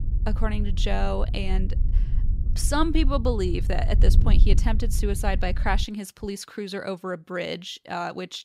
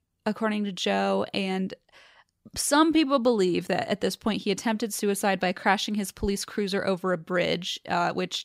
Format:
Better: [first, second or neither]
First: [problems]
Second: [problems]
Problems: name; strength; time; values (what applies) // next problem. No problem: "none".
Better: second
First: wind noise on the microphone; occasional gusts; until 6 s; 15 dB below the speech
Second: none